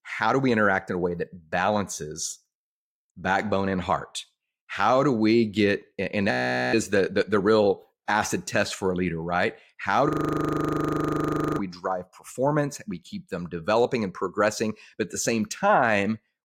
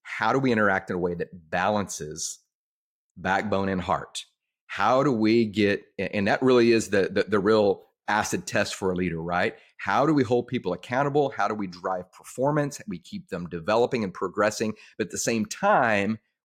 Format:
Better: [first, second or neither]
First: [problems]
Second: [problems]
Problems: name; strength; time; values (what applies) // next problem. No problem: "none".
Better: second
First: audio freezing; at 6.5 s and at 10 s for 1.5 s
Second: none